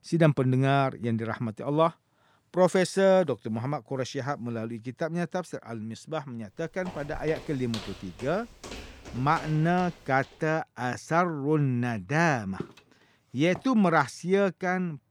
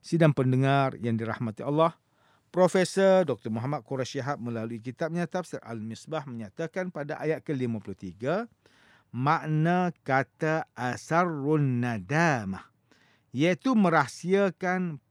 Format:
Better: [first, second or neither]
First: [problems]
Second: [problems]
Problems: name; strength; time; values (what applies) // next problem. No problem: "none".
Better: second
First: footsteps; faint; from 7 to 10 s and at 13 s; peak 10 dB below the speech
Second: none